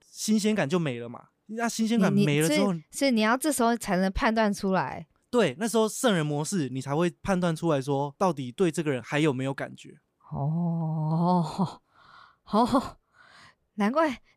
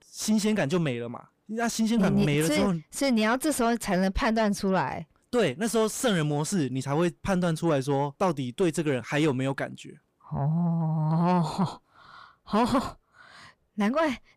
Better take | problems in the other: first | distortion; slight; 10 dB below the speech

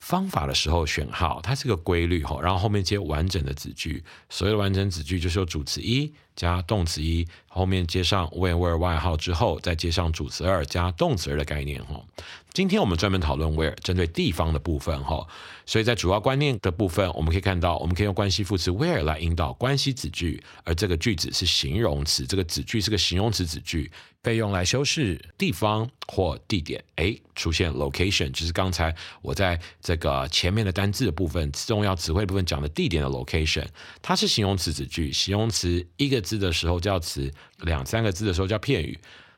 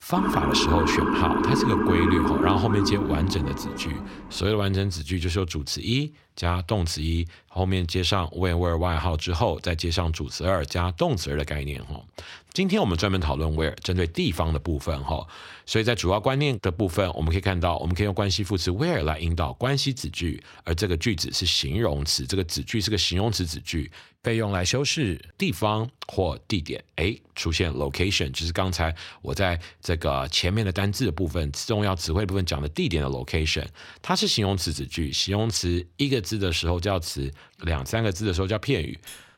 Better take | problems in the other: first | siren; loud; until 4 s; peak 3 dB above the speech // clattering dishes; very faint; at 39 s; peak 20 dB below the speech

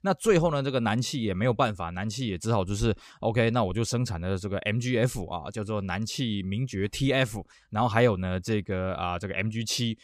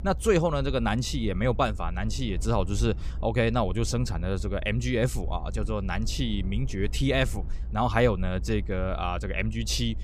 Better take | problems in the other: first | low rumble; faint; throughout; 25 dB below the speech

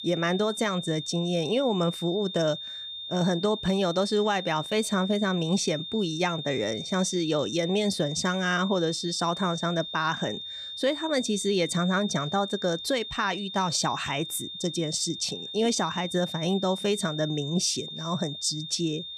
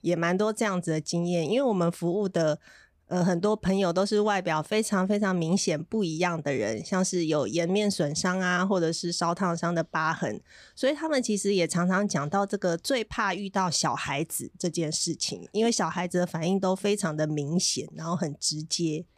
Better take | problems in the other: second | high-pitched whine; loud; throughout; 3.5 kHz, 8 dB below the speech

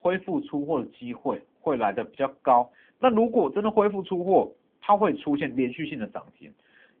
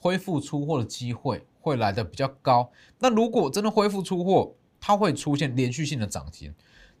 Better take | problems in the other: second | phone-call audio; nothing above 3.5 kHz

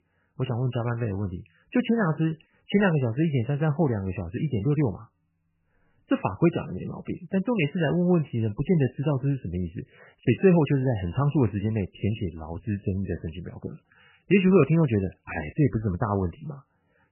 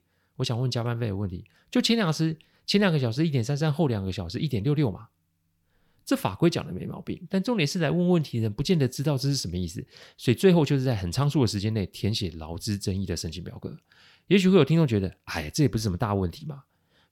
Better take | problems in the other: second | garbled, watery; badly; nothing above 3 kHz

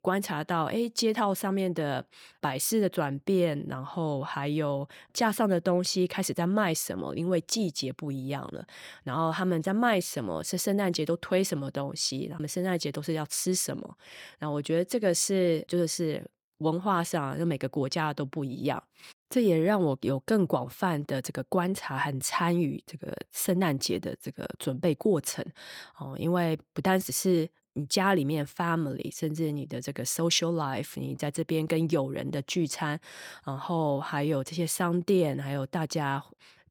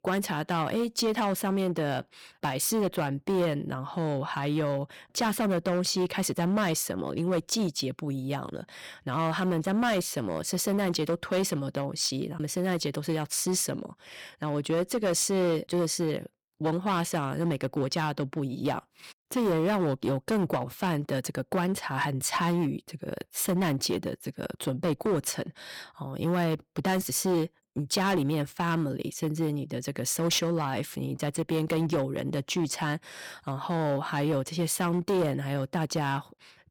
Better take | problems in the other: first | distortion; slight; 9% of the sound clipped

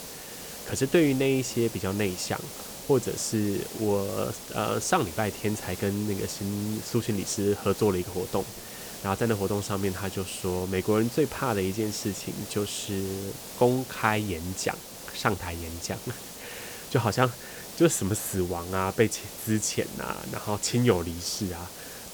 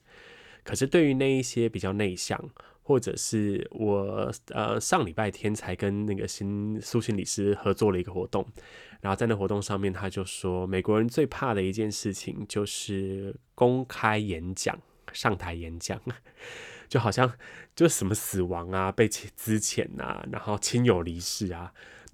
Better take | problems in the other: second | hiss; noticeable; throughout; 10 dB below the speech

